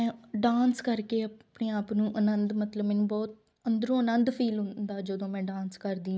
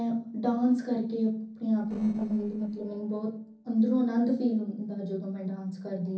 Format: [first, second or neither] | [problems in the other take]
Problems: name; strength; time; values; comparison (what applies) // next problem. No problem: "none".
first | noise reduction (neural separator model SepFormer DNS4)